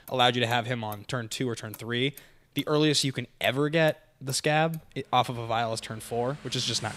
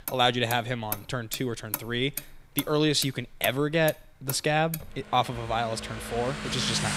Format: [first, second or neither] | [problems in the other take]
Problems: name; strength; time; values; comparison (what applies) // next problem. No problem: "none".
first | traffic noise; loud; throughout; 9 dB below the speech; faint in the first